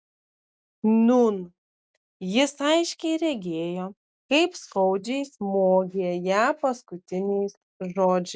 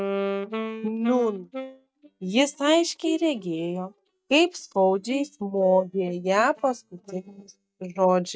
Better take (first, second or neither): first